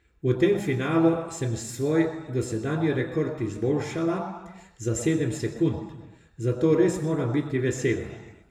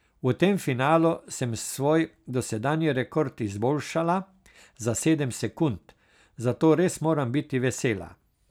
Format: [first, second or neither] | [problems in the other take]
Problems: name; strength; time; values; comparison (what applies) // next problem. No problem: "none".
second | room echo; dies away in 1.2 s